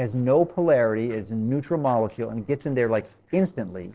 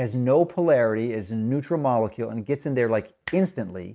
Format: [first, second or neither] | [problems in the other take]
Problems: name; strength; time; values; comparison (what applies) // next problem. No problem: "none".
second | noise reduction (neural separator model SepFormer DNS4)